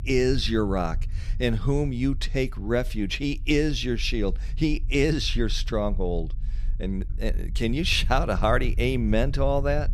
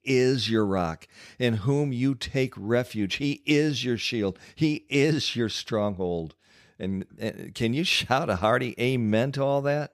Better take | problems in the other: second | low rumble; faint; throughout; 25 dB below the speech

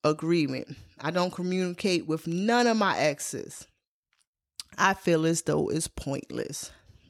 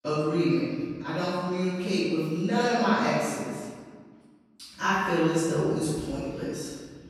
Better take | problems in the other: first | room echo; strong; dies away in 1.5 s // off-mic speech; far

